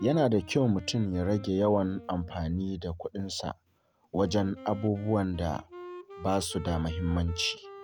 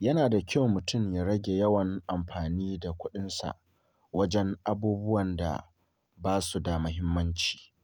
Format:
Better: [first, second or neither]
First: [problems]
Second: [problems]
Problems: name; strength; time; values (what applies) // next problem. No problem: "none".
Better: second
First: background sound (Wind instrument, woodwind instrument); 17 dB below the speech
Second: none